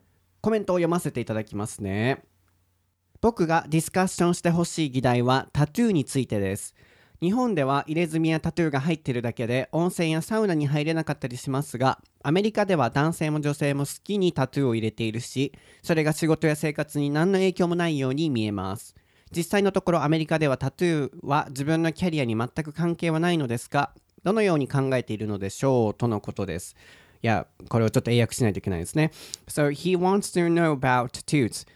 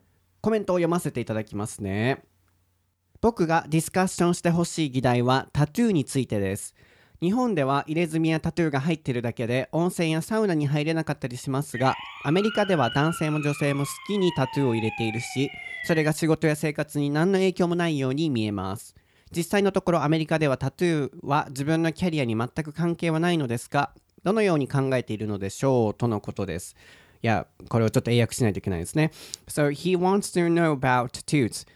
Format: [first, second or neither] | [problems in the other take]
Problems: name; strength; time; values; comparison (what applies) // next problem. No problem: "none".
first | siren; noticeable; from 12 to 16 s; peak 8 dB below the speech